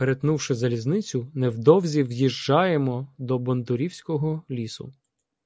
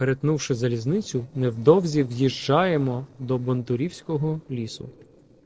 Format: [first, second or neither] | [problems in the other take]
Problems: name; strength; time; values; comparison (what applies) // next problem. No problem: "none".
first | noise reduction (neural separator model SepFormer DNS4)